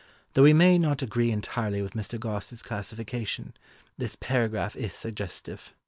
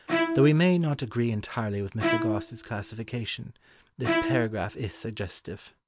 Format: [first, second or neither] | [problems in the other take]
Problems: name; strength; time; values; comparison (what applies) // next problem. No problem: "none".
first | background sound (Bowed string instrument); 4 dB below the speech